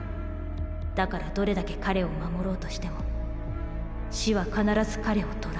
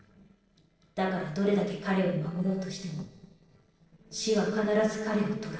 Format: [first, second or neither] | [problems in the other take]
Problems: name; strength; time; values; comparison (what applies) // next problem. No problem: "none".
first | noise reduction (neural separator model SepFormer DNS4)